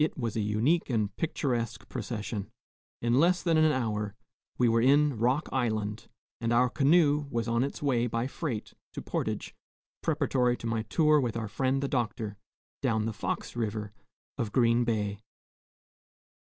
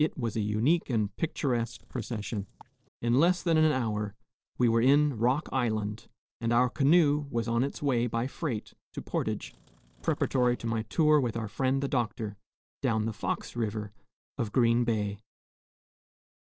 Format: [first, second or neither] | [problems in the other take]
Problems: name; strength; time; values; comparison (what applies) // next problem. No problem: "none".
first | noise reduction (neural separator model SepFormer DNS4)